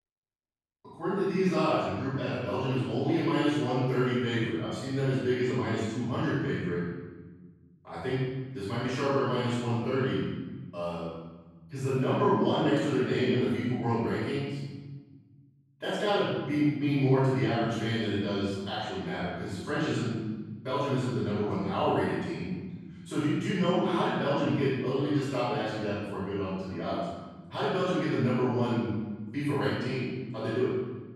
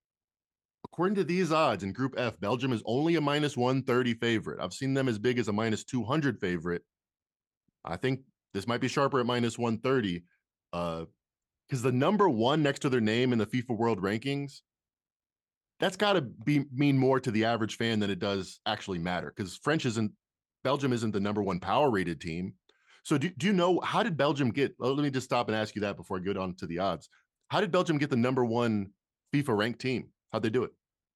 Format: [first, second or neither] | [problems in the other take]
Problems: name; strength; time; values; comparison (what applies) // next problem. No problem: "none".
second | off-mic speech; far // room echo; strong; dies away in 1.3 s